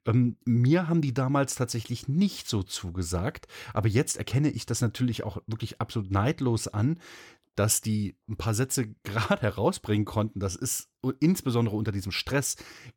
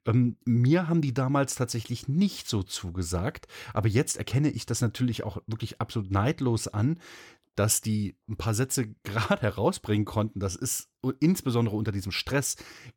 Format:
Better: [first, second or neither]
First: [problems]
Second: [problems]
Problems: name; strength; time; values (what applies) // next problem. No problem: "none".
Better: neither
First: none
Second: none